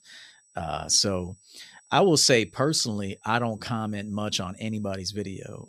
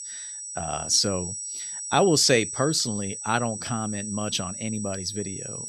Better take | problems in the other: first | high-pitched whine; loud; throughout; 8 kHz, 8 dB below the speech; faint in the first

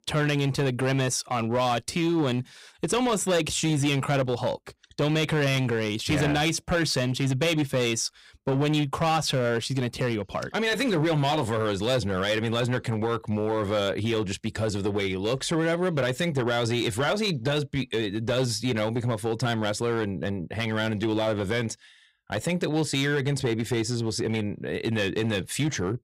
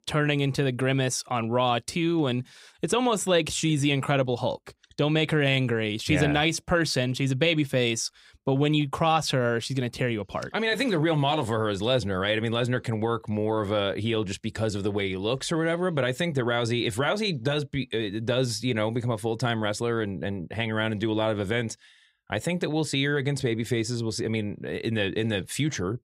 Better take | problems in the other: second | distortion; slight; 9% of the sound clipped

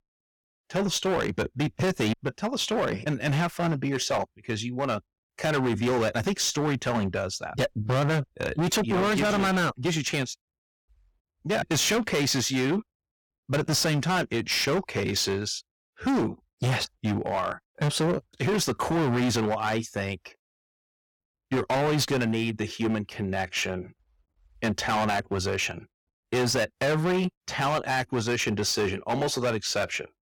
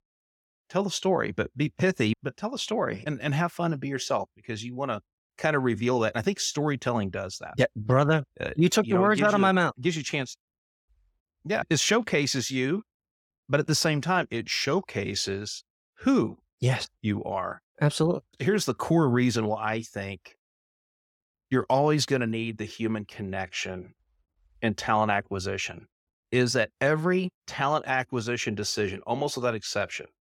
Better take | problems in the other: second | distortion; heavy; 17% of the sound clipped

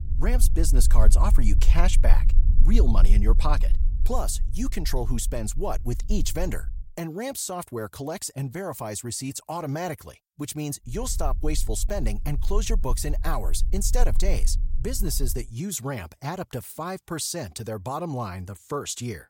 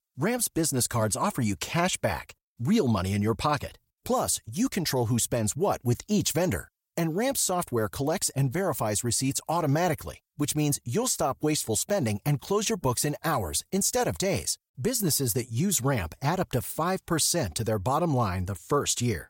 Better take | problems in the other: second | low rumble; noticeable; until 7 s and from 11 to 15 s; 15 dB below the speech

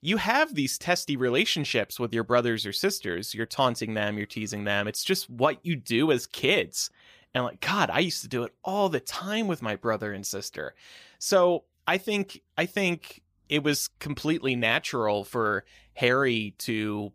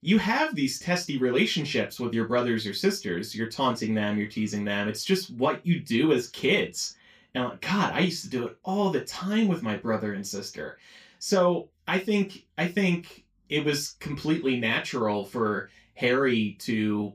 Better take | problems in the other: first | room echo; slight; dies away in 0.2 s // off-mic speech; far

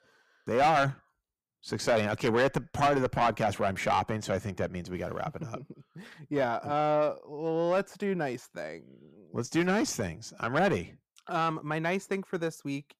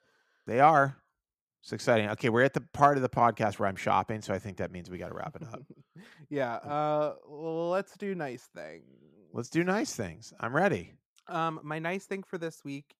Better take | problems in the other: second | distortion; heavy; 6 dB below the speech

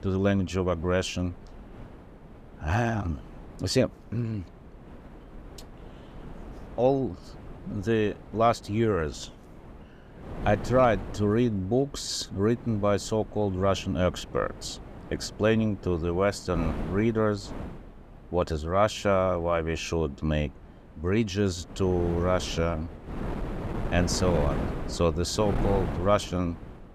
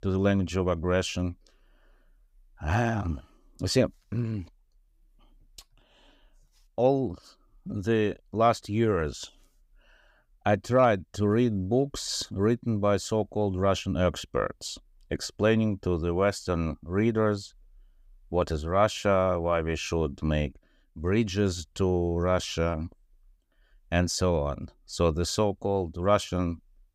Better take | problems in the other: second | wind noise on the microphone; occasional gusts; 15 dB below the speech

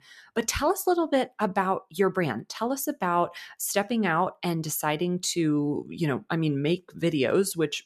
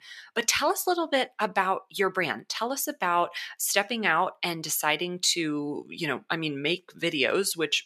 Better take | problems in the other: first | thin; very slightly; fading below 550 Hz

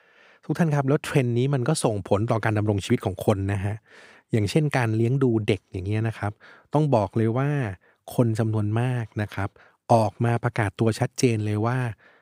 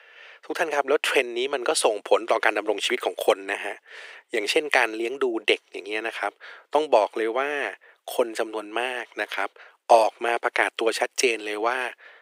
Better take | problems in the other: first | thin; very; fading below 400 Hz

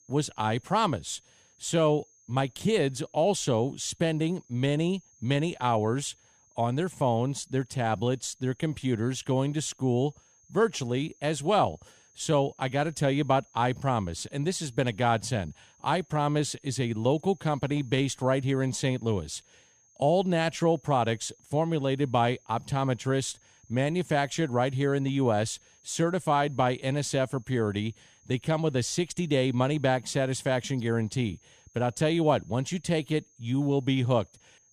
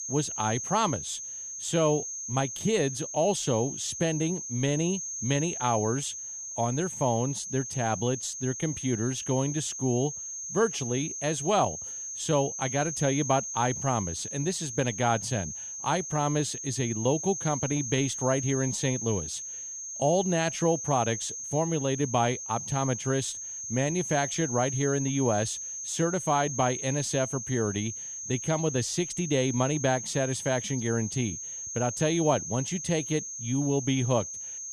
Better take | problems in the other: first | high-pitched whine; loud; throughout; 6.5 kHz, 5 dB below the speech; faint in the first

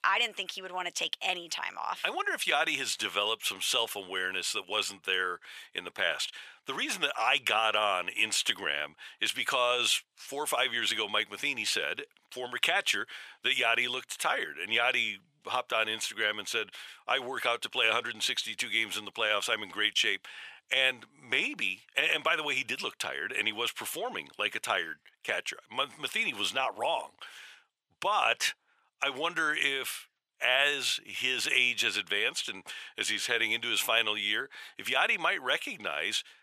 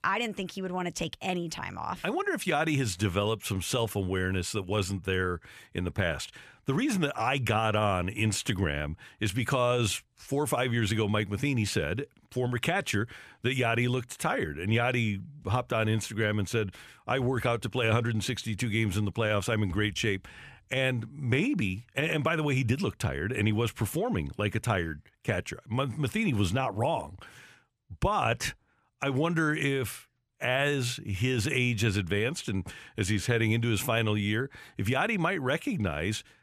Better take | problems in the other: second | thin; very; fading below 650 Hz

